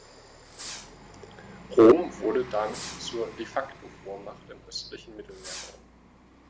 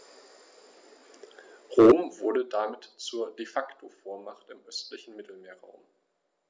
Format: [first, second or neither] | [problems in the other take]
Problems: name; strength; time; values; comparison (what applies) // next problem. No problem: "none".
second | background sound (Bus + Fireworks); 16 dB below the speech